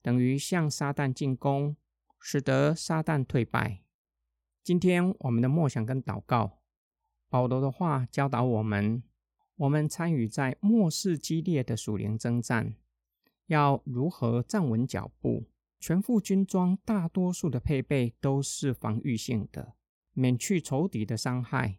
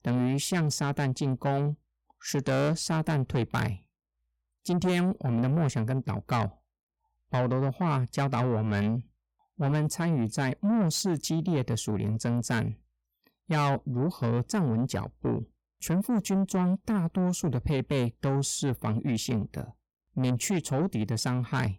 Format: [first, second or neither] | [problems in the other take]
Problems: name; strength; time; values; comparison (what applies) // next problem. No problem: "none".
first | distortion; slight; 10 dB below the speech